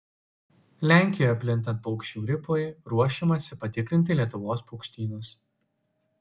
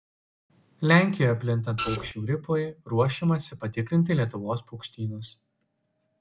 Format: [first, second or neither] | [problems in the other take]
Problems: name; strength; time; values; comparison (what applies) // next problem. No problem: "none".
first | background sound (Printer); 6 dB below the speech